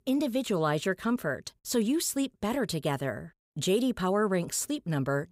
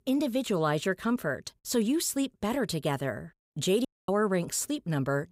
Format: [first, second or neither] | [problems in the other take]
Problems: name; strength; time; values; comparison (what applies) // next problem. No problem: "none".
first | audio cutting out; at 4 s